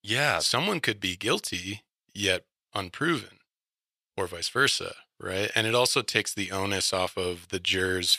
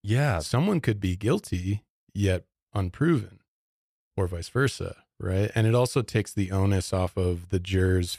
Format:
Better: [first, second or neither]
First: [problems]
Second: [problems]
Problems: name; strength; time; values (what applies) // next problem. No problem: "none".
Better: second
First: thin; somewhat; fading below 1 kHz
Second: none